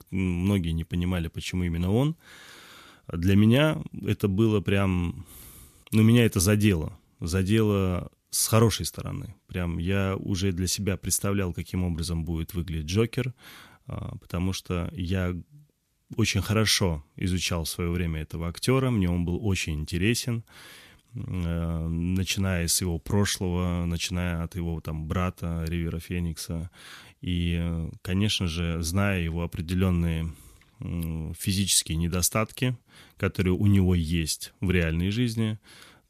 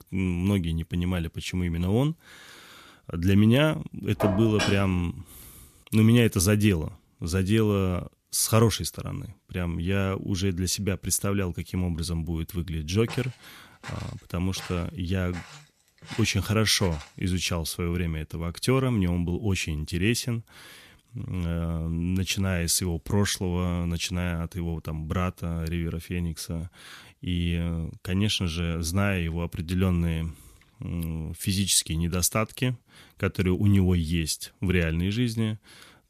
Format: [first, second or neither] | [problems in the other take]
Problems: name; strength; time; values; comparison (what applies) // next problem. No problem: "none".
first | clattering dishes; noticeable; at 4 s; peak 2 dB below the speech // footsteps; faint; from 13 to 17 s; peak 15 dB below the speech